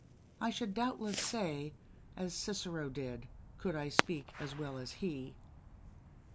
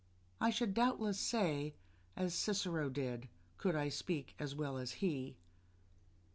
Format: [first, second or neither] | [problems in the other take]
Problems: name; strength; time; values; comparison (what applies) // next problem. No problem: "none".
second | background sound (Fireworks); 4 dB below the speech